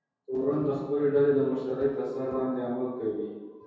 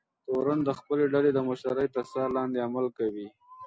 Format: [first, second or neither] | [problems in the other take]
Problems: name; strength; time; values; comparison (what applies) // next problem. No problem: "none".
second | room echo; dies away in 1.2 s